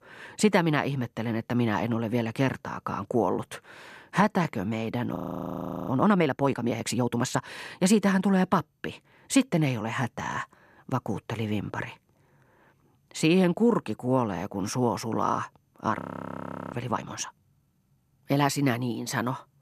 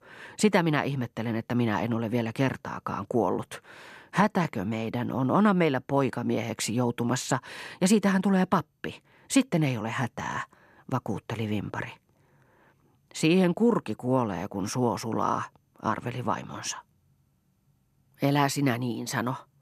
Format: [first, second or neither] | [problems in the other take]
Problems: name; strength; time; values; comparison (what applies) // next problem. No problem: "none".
second | audio freezing; at 5 s for 0.5 s and at 16 s for 0.5 s